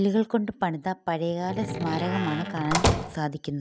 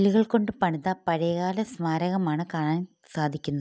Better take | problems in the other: second | background sound (Slam); 1 dB below the speech

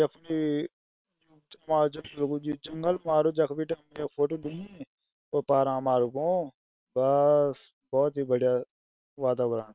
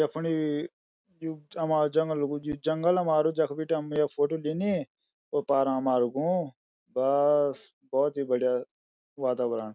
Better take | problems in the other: second | noise reduction (neural separator model SepFormer WHAM!)

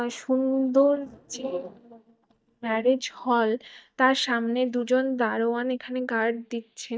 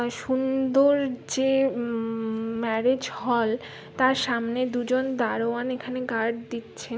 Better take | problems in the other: second | noise reduction (neural mask model DeepFilterNet 3)

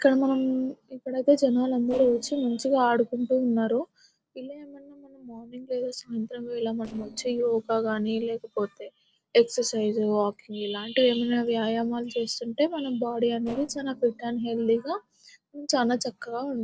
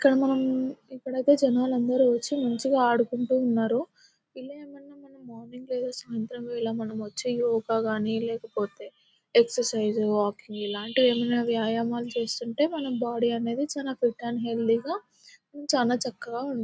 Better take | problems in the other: second | noise reduction (neural separator model SepFormer DNS4)

